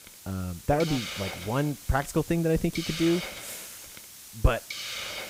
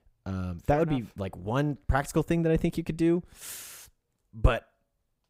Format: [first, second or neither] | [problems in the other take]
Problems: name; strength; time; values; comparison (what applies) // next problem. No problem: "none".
second | hiss; loud; throughout; 9 dB below the speech